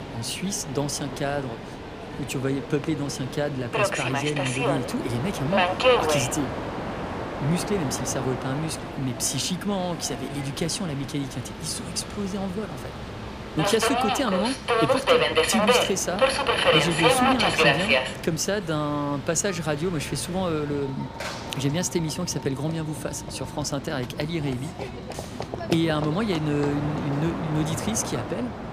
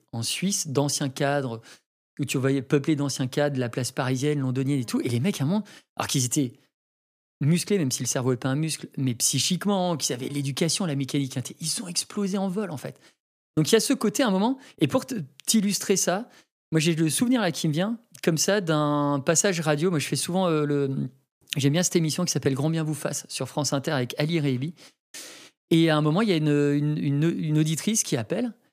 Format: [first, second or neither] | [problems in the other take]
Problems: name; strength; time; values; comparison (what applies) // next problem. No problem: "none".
second | train or aircraft noise; very loud; throughout; 1 dB above the speech